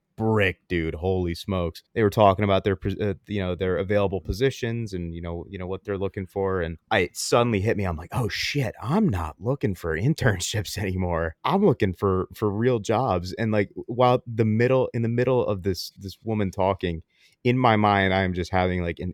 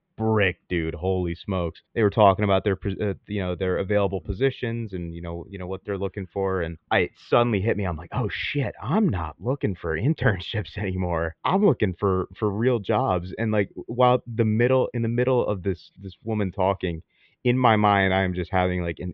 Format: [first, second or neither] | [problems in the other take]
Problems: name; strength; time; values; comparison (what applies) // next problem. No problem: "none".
first | muffled; very; fading above 3.5 kHz